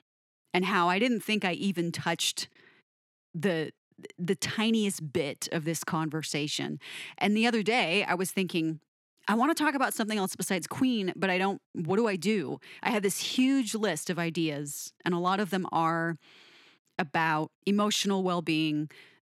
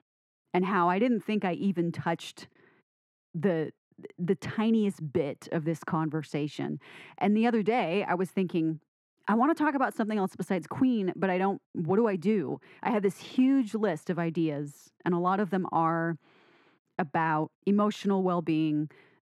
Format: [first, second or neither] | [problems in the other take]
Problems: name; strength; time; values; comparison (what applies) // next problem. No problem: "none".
first | muffled; very; fading above 2.5 kHz